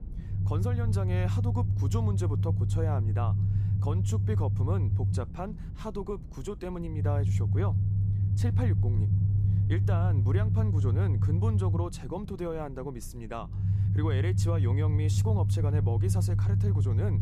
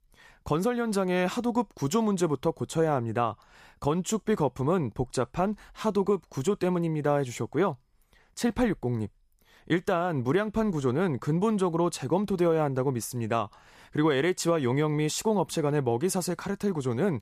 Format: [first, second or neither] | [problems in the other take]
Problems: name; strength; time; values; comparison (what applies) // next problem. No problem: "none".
second | low rumble; loud; throughout; 3 dB below the speech